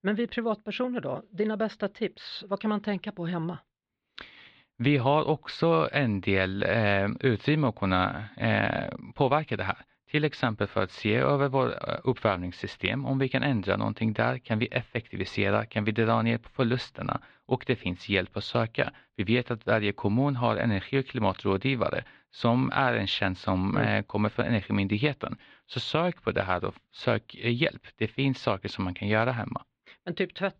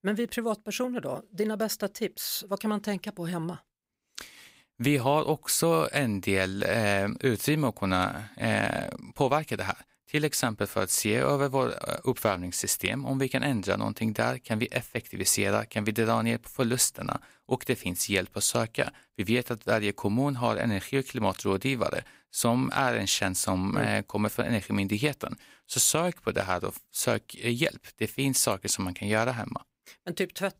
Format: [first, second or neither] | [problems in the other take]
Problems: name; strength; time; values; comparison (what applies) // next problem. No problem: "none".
second | muffled; slightly; fading above 4 kHz